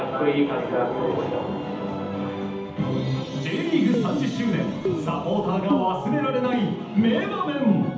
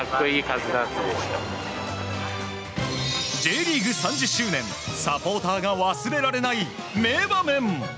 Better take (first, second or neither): second